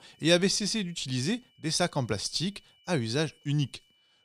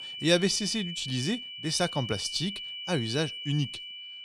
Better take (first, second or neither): first